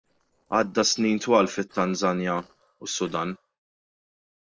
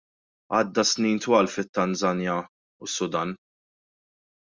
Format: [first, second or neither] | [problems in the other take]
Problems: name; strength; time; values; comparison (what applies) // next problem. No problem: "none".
second | noise reduction (neural separator model SepFormer DNS4)